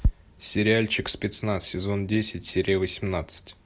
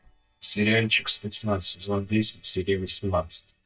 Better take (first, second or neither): first